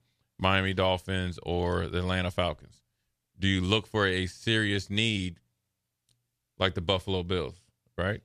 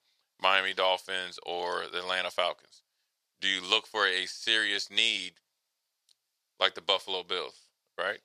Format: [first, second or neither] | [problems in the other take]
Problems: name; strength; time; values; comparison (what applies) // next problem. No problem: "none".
first | thin; very; fading below 700 Hz